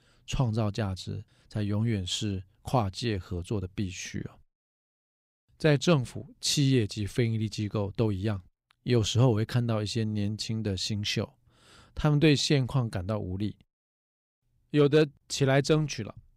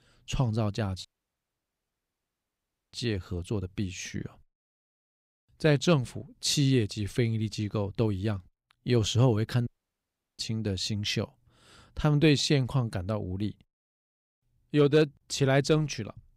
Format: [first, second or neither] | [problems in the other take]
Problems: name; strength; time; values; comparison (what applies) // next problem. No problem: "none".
first | audio cutting out; at 1 s for 2 s and at 9.5 s for 0.5 s